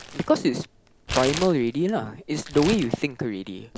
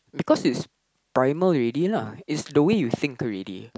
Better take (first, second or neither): second